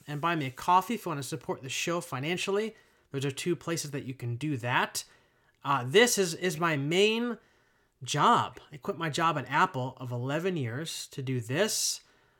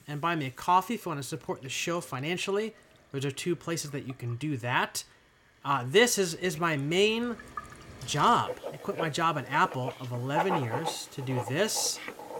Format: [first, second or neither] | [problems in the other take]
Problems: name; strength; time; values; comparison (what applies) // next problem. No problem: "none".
first | household noises; loud; throughout; 9 dB below the speech